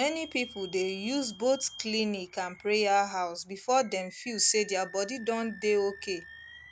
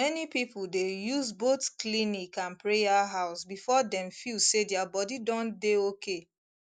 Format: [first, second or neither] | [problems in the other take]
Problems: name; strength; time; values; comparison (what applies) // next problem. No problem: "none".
second | background sound (Animal + Squeak / Vehicle); 19 dB below the speech